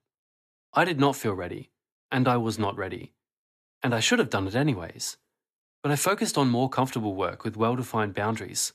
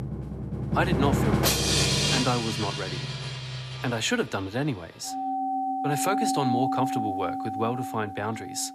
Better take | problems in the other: first | background music; very loud; throughout; 2 dB above the speech

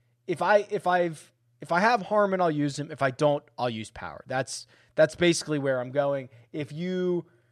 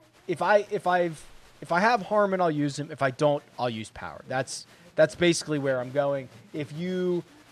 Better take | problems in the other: first | crowd noise; faint; throughout; 30 dB below the speech

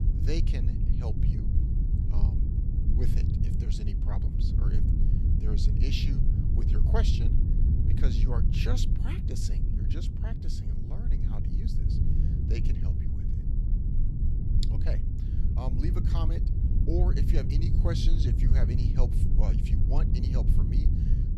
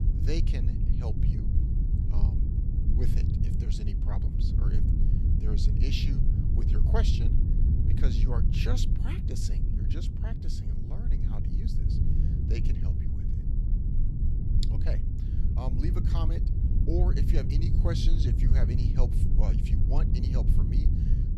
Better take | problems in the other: neither | low rumble; loud; throughout; 1 dB below the speech; the same in both

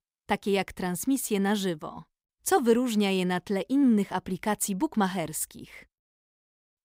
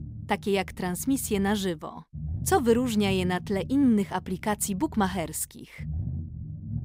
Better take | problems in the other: first | low rumble; faint; throughout; 20 dB below the speech

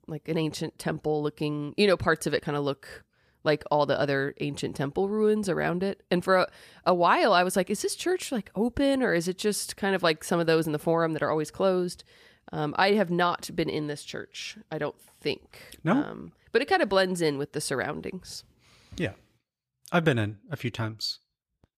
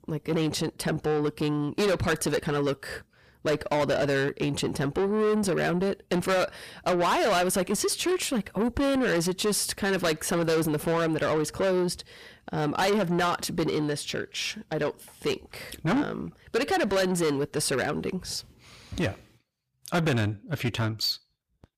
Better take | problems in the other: first | distortion; heavy; 6 dB below the speech

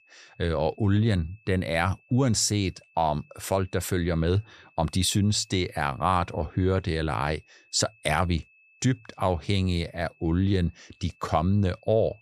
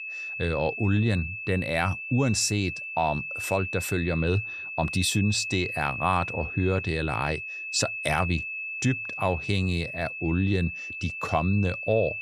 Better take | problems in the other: first | high-pitched whine; loud; throughout; 2.5 kHz, 5 dB below the speech; faint in the first

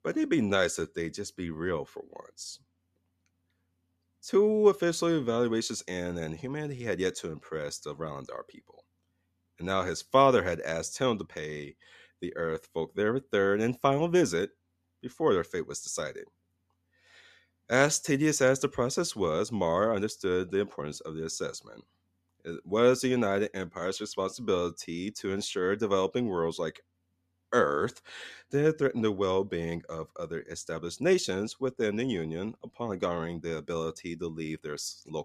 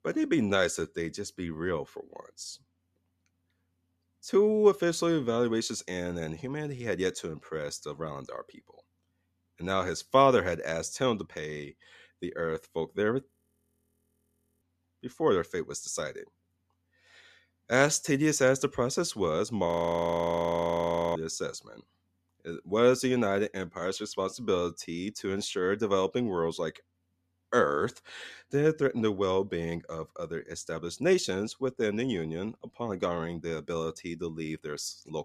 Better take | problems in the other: first | audio freezing; at 13 s for 1.5 s and at 20 s for 1.5 s

